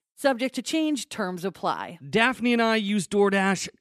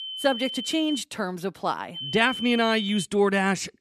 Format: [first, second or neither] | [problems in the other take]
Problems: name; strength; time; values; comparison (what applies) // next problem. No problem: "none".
first | high-pitched whine; loud; until 1 s and from 2 to 3 s; 3 kHz, 7 dB below the speech